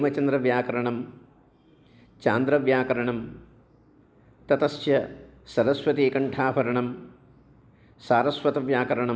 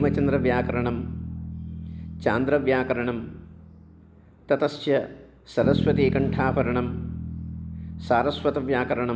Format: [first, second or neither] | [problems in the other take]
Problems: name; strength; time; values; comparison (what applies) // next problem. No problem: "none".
first | background sound (Bass guitar); 5 dB below the speech